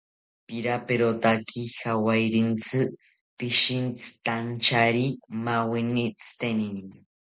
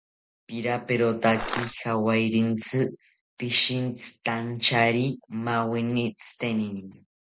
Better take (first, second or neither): first